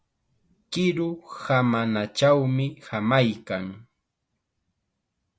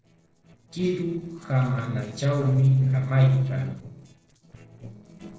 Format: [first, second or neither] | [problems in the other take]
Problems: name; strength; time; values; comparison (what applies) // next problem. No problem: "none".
first | noise reduction (neural separator model SepFormer DNS4)